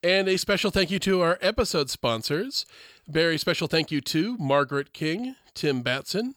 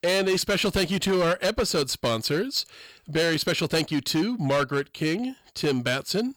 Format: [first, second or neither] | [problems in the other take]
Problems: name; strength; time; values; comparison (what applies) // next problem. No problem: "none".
first | distortion; slight; 12% of the sound clipped